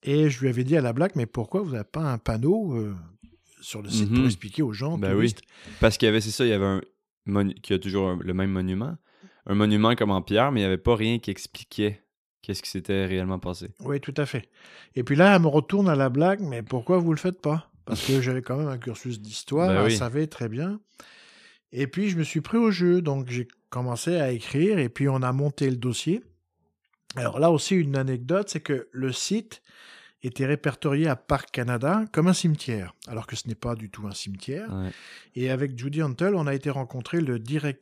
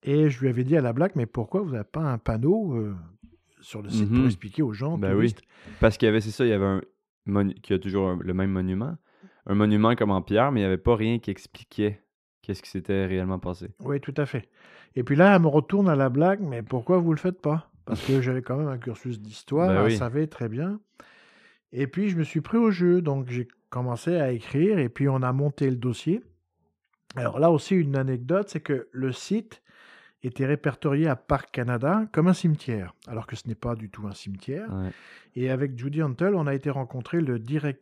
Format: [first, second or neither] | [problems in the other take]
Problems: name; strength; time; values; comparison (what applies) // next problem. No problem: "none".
first | muffled; slightly; fading above 3 kHz